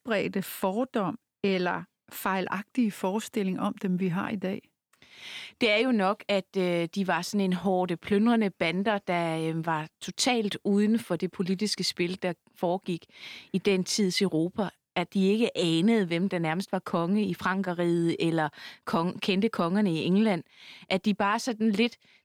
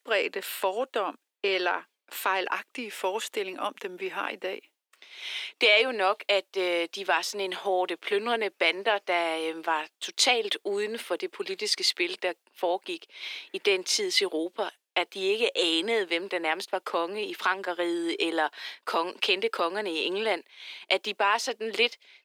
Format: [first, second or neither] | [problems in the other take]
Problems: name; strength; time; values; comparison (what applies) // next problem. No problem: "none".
first | thin; very; fading below 350 Hz